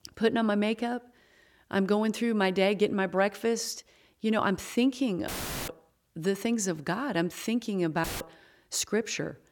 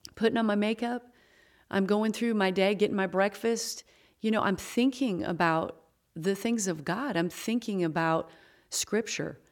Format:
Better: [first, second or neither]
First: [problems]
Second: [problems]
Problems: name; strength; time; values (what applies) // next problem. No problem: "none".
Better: second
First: audio cutting out; filled with static; at 5.5 s and at 8 s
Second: none